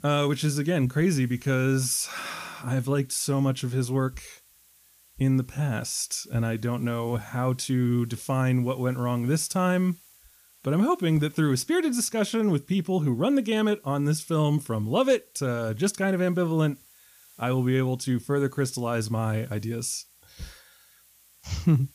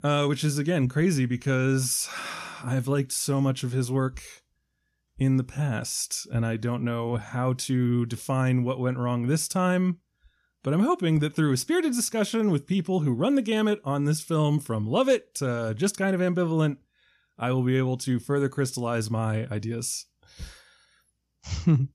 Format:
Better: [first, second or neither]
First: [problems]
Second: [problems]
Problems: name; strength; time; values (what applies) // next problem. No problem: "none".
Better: second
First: hiss; faint; throughout; 25 dB below the speech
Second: none